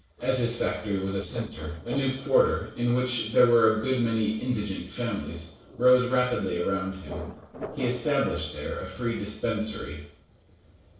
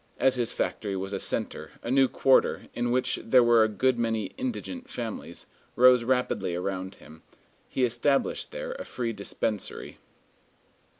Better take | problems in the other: second | noise reduction (neural separator model SepFormer DNS4)

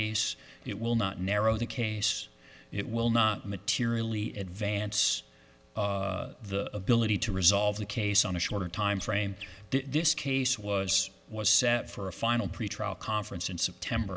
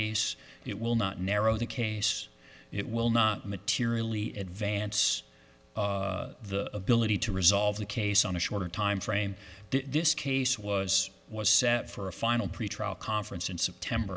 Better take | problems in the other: second | background sound (Chirp, tweet); 20 dB below the speech

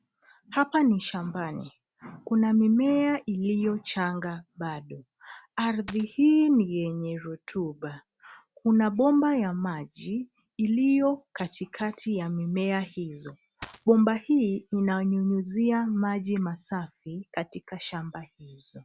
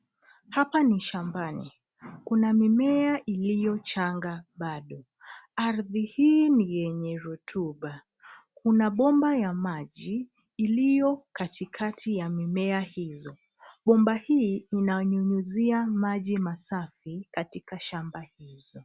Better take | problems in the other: second | background sound (Coin (dropping)); 17 dB below the speech

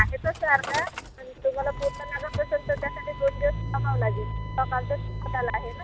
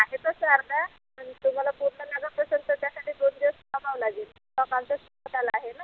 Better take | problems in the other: second | background sound (Slam / Engine starting); 3 dB below the speech

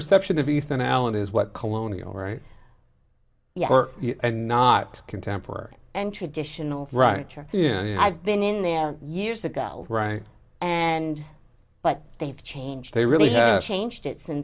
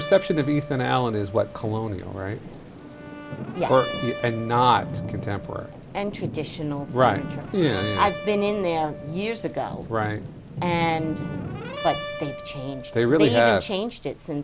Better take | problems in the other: first | background sound (Brass instrument + Thunder / Rain); 10 dB below the speech

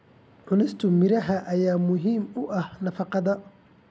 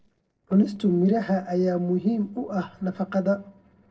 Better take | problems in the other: first | noise reduction (neural separator model SepFormer DNS4)

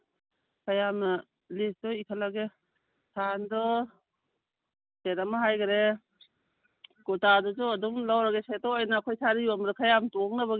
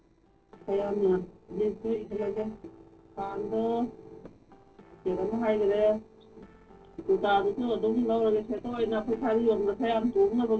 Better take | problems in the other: first | noise reduction (neural separator model SepFormer DNS4)

